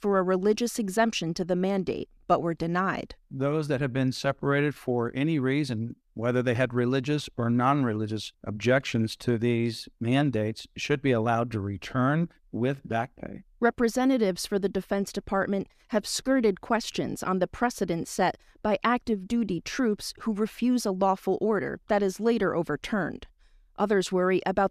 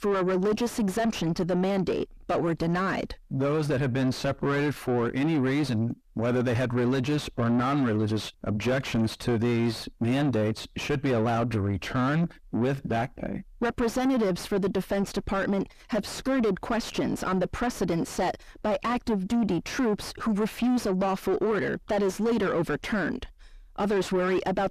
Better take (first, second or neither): first